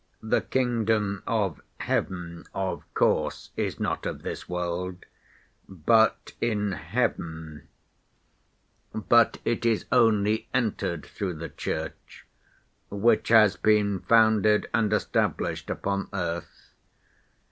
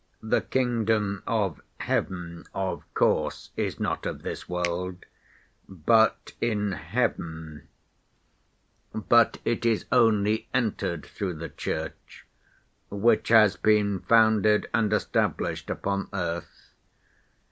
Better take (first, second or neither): first